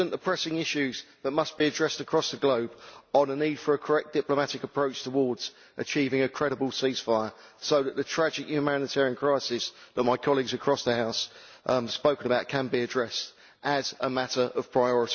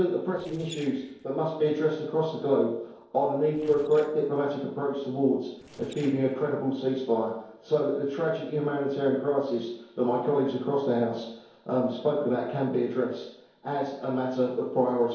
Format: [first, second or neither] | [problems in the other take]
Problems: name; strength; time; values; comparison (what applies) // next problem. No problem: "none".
first | noise reduction (neural separator model SepFormer DNS4)